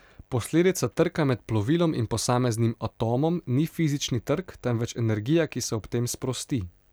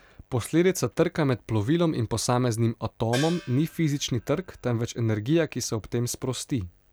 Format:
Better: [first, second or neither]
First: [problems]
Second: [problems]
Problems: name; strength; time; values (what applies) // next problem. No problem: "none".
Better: first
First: none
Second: background sound (Gong); 15 dB below the speech